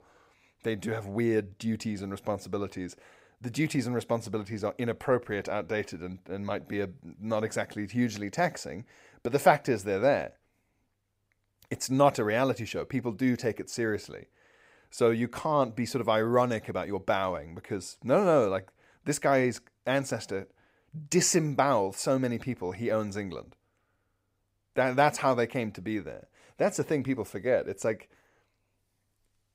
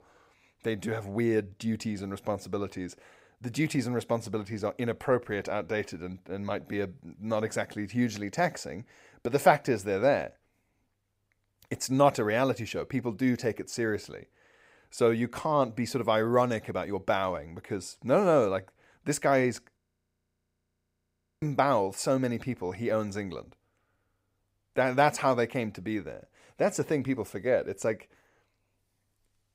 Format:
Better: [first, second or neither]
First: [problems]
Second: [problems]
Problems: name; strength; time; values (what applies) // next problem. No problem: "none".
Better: first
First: none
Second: audio freezing; at 20 s for 1.5 s